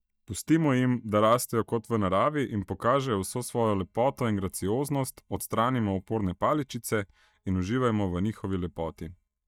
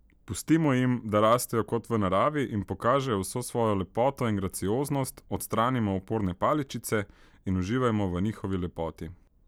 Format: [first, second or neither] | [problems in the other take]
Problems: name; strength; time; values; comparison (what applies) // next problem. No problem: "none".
second | noise reduction (neural mask model DeepFilterNet 3)